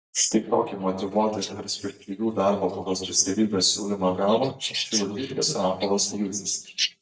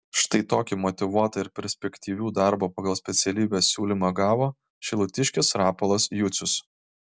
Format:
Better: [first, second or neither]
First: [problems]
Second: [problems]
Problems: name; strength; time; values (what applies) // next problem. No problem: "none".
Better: second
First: noise reduction (neural mask model DeepFilterNet 3)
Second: none